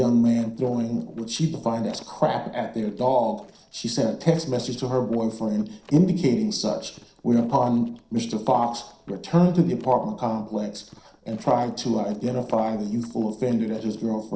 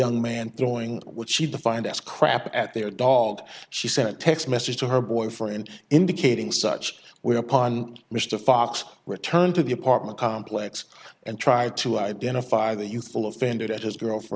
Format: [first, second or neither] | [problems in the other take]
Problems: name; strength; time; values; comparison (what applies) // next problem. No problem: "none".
second | noise reduction (neural separator model SepFormer DNS4)